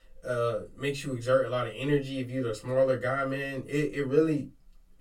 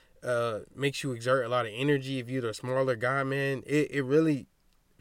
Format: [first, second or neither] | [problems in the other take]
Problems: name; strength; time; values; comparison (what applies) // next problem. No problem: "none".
second | off-mic speech; far // room echo; very slight; dies away in 0.2 s